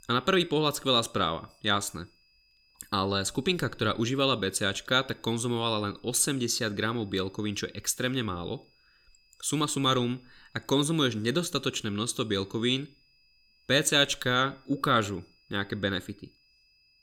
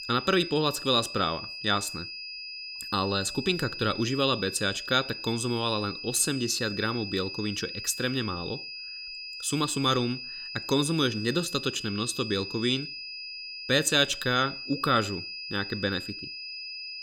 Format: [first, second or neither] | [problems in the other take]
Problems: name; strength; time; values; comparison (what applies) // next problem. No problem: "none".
first | high-pitched whine; loud; throughout; 5 kHz, 8 dB below the speech; faint in the first